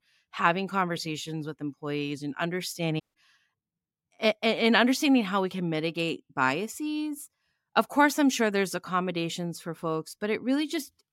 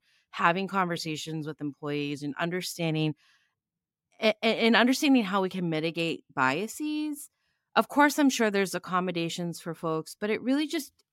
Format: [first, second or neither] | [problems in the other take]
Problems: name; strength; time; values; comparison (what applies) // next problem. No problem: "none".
second | audio cutting out; at 3 s